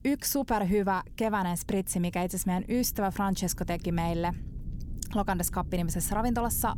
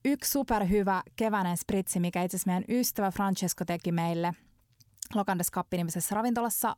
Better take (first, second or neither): second